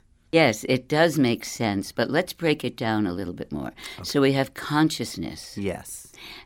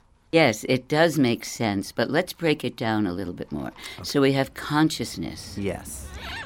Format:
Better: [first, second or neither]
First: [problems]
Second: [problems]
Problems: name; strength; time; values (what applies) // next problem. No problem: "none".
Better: first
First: none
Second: animal sounds; faint; throughout; 20 dB below the speech